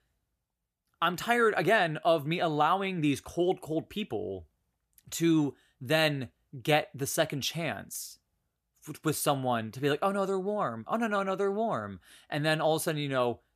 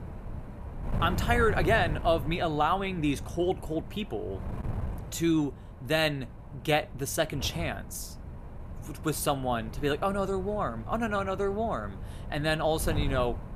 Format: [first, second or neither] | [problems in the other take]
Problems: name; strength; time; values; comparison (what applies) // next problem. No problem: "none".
first | wind noise on the microphone; occasional gusts; 15 dB below the speech